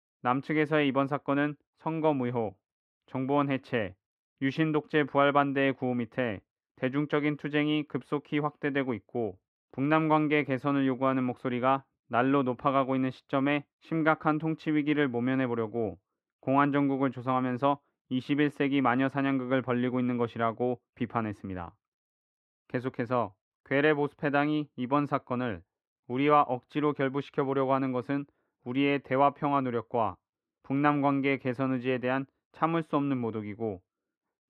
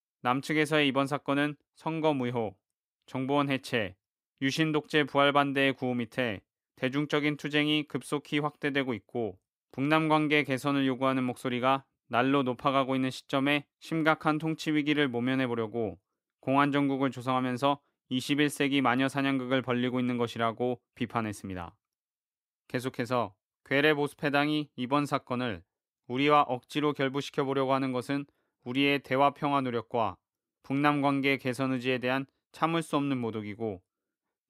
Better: second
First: muffled; very; fading above 4 kHz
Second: none

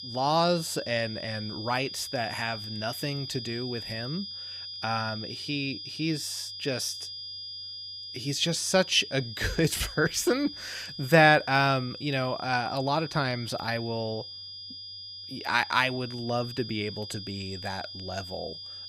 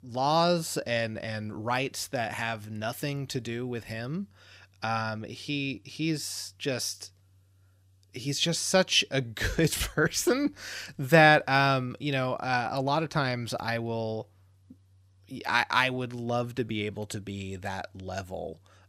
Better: second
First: high-pitched whine; loud; throughout; 5 kHz, 9 dB below the speech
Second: none

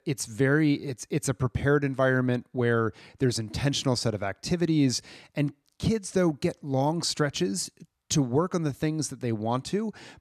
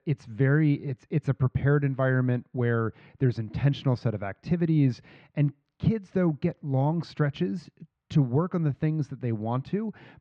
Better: first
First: none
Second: muffled; very; fading above 3 kHz

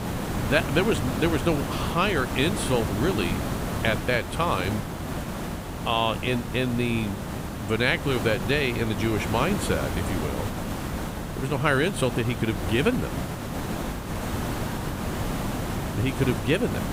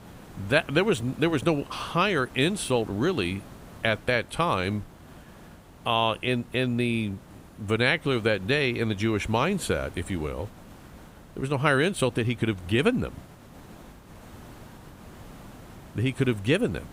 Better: second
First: hiss; loud; throughout; 5 dB below the speech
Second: hiss; faint; throughout; 20 dB below the speech

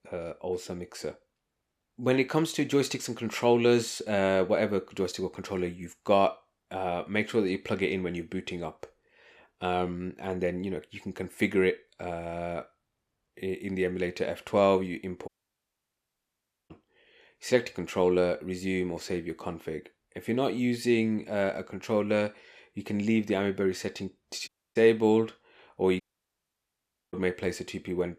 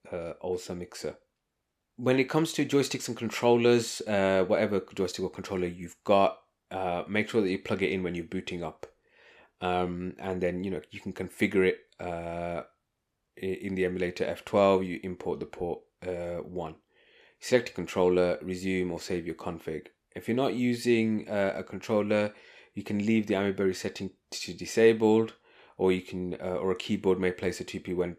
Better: second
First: audio cutting out; at 15 s for 1.5 s, at 24 s and at 26 s for 1 s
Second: none

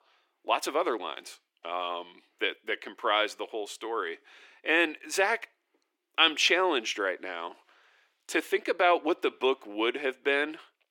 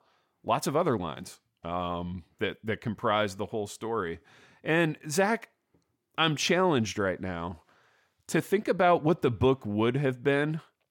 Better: second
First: thin; very; fading below 300 Hz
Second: none

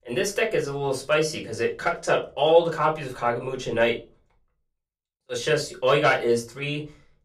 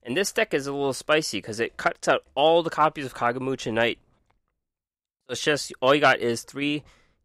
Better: second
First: off-mic speech; far // room echo; very slight; dies away in 0.2 s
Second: none

